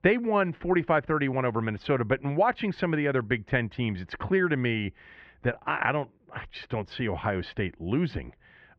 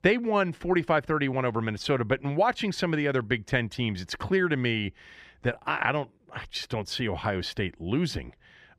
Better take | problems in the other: second | muffled; slightly; fading above 2.5 kHz

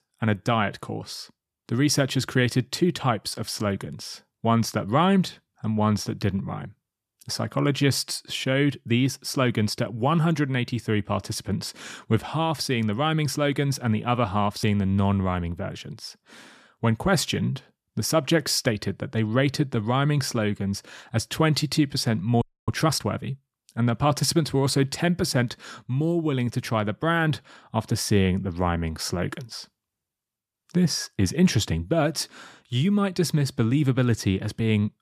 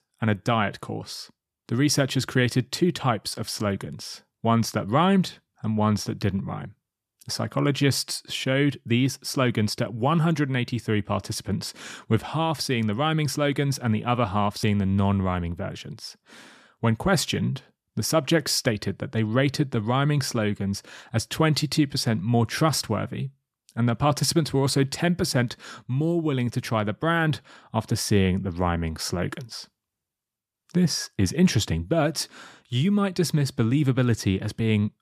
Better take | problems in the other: second | audio freezing; at 22 s

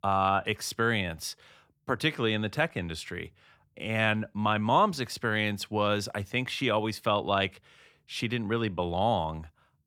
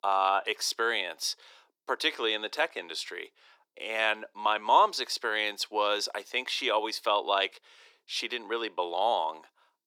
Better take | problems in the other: first | thin; very; fading below 350 Hz

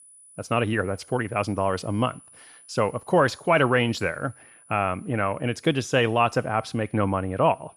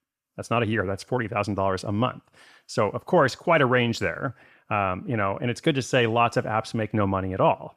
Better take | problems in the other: second | high-pitched whine; faint; throughout; 10 kHz, 25 dB below the speech

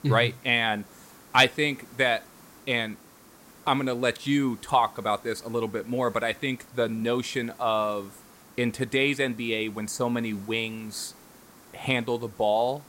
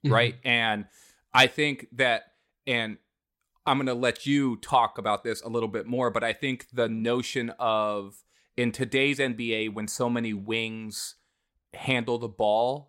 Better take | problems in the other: second | hiss; faint; throughout; 25 dB below the speech

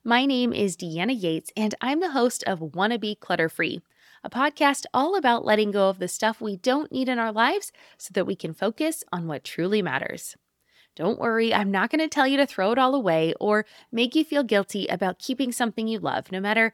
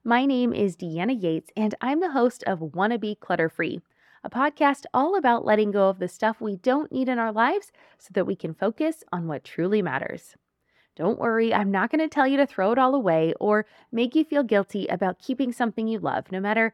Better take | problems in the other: first | muffled; slightly; fading above 2.5 kHz

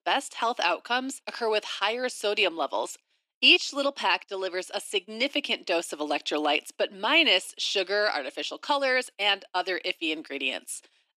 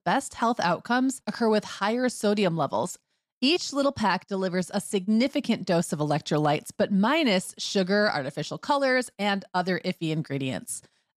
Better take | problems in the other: second | thin; somewhat; fading below 300 Hz

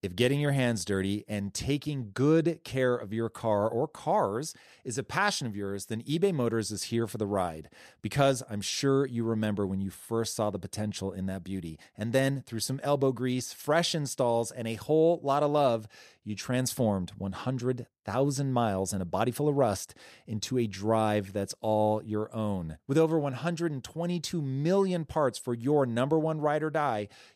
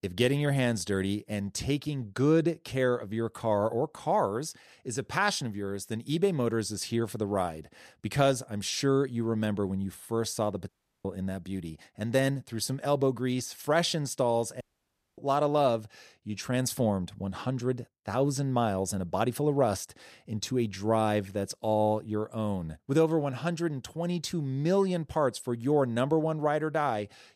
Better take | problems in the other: first | audio cutting out; at 11 s and at 15 s for 0.5 s

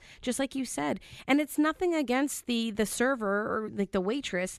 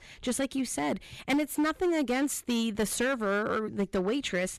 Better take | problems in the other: first | distortion; slight; 9% of the sound clipped

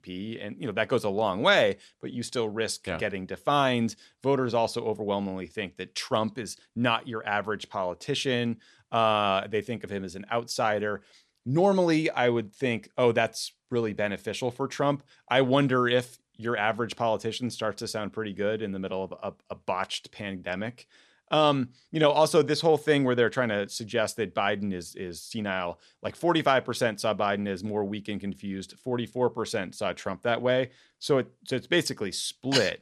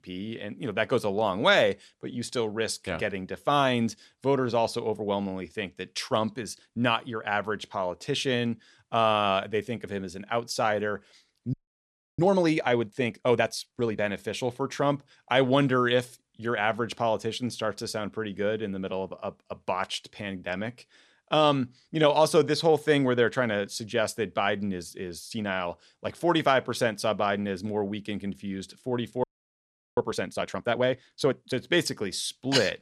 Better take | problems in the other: first | audio freezing; at 12 s for 0.5 s and at 29 s for 0.5 s

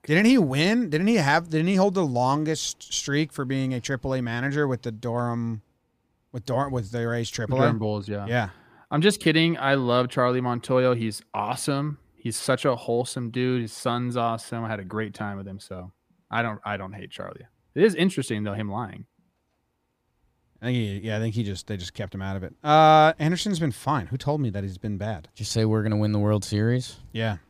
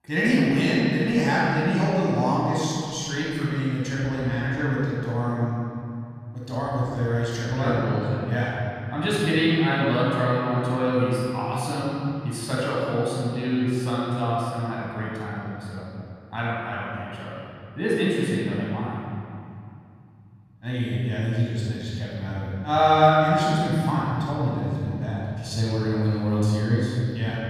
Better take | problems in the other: first | off-mic speech; far // room echo; strong; dies away in 2.6 s

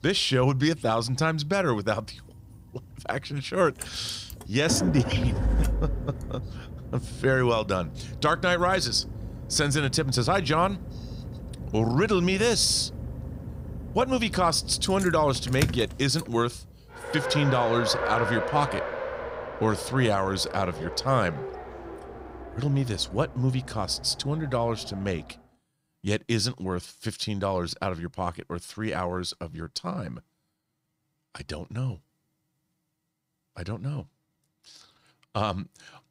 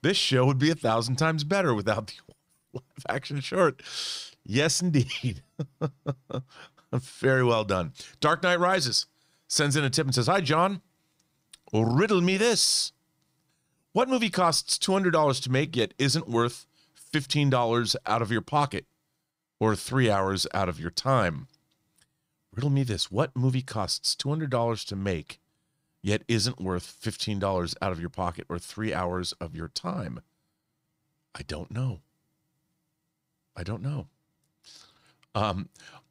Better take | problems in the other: second | traffic noise; loud; until 25 s; 8 dB below the speech

